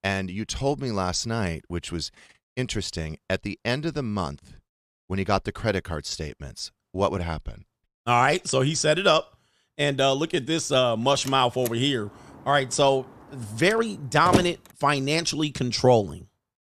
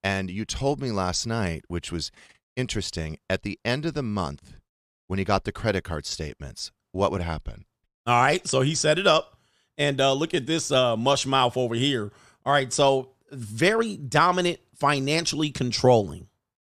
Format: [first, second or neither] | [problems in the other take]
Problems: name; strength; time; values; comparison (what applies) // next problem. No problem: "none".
second | door banging; noticeable; from 11 to 14 s; peak level with the speech